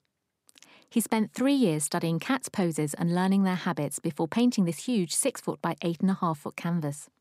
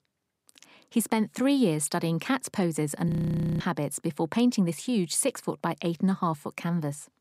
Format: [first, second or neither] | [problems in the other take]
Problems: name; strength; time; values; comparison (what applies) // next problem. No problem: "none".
first | audio freezing; at 3 s for 0.5 s